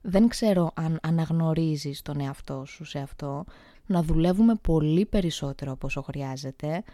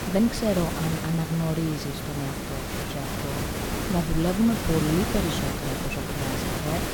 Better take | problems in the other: first | hiss; loud; throughout; 2 dB below the speech

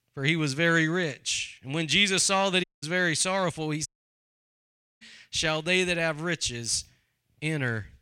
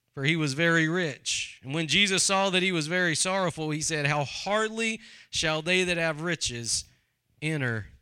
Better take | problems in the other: second | audio cutting out; at 2.5 s and at 4 s for 1 s

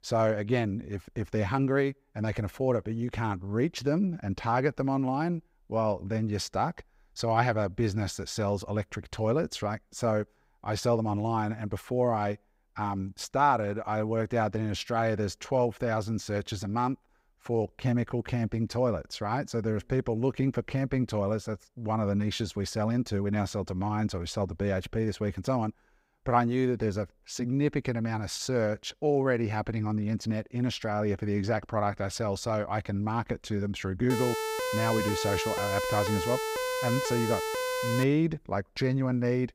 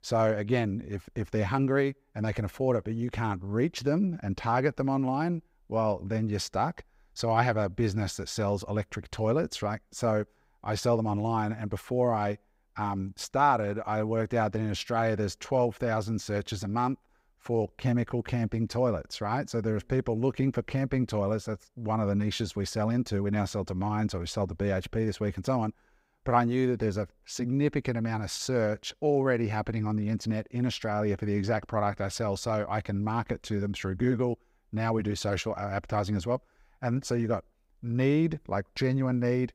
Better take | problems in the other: second | siren; noticeable; from 34 to 38 s; peak level with the speech

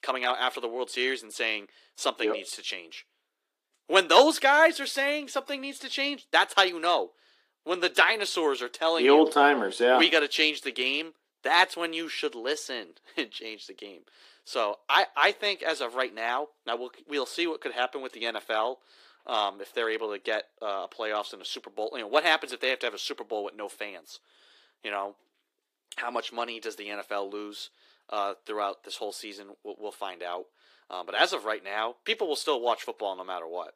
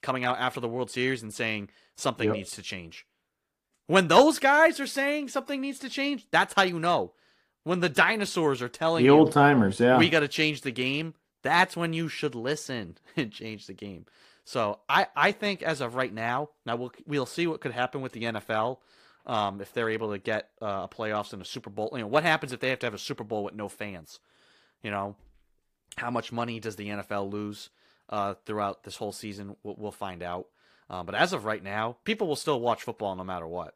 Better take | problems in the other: second | thin; somewhat; fading below 300 Hz

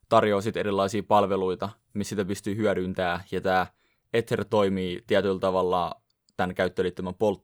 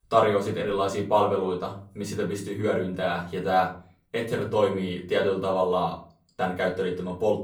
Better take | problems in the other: first | off-mic speech; far // room echo; very slight; dies away in 0.4 s

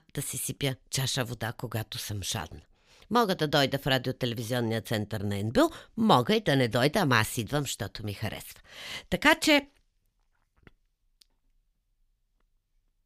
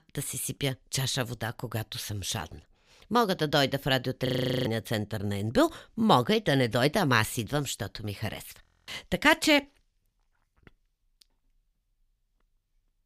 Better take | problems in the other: first | audio freezing; at 4.5 s and at 8.5 s

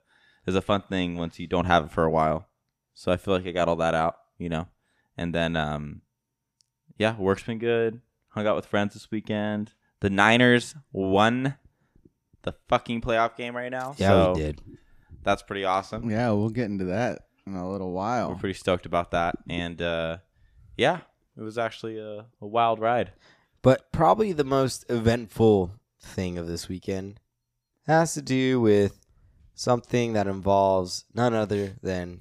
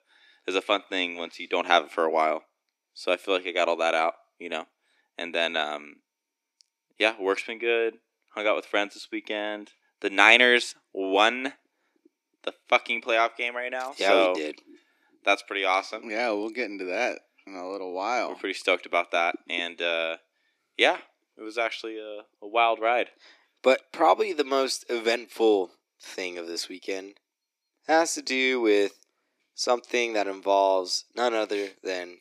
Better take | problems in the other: first | thin; somewhat; fading below 300 Hz

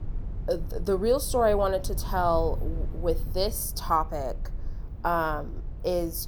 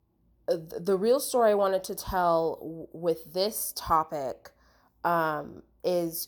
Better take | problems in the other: second | low rumble; faint; throughout; 25 dB below the speech

